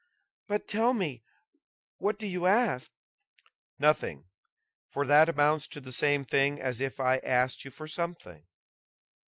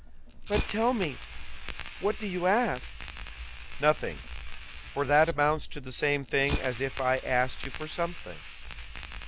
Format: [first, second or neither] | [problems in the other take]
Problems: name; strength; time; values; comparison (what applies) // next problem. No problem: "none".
first | background sound (Fire); 7 dB below the speech